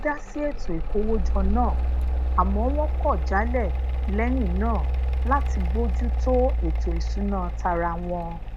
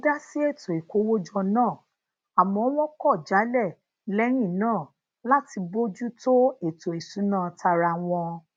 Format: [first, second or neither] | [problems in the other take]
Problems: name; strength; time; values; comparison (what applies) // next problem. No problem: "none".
second | background sound (Mechanical fan); 4 dB above the speech